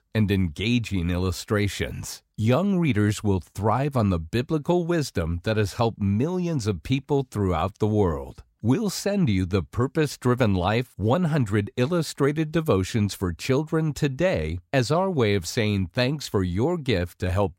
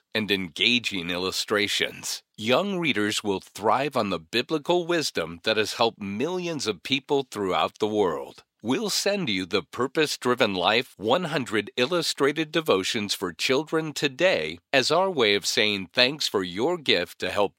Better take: first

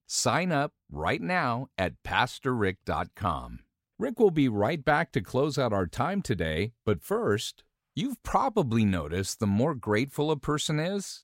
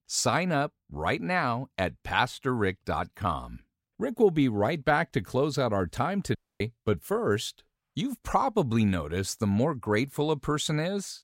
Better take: first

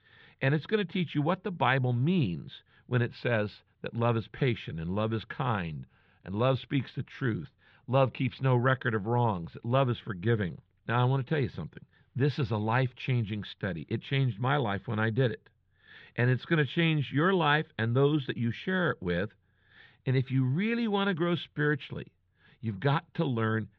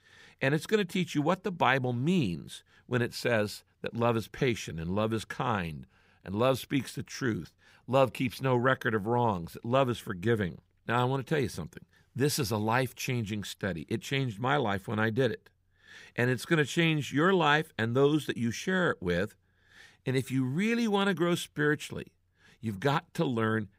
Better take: second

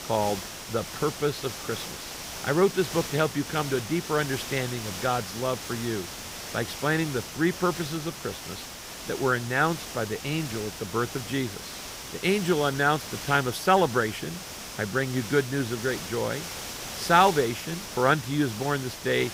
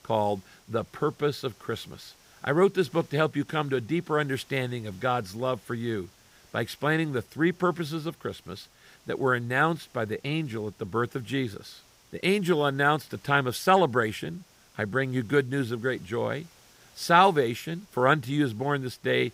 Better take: second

